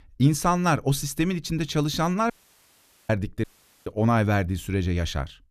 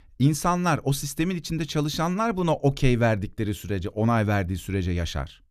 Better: second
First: audio cutting out; at 2.5 s for 1 s and at 3.5 s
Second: none

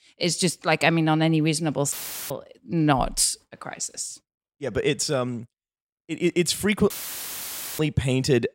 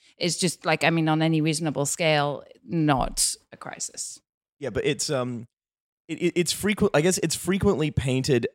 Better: second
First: audio cutting out; filled with static; at 2 s and at 7 s for 1 s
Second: none

